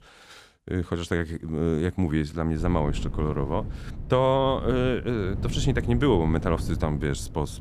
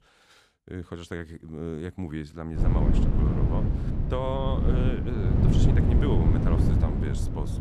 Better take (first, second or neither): first